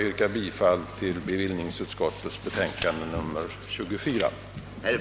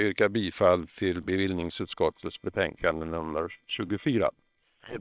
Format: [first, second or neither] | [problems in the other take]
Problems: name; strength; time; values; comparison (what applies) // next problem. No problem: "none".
first | noise reduction (neural separator model SepFormer WHAM!)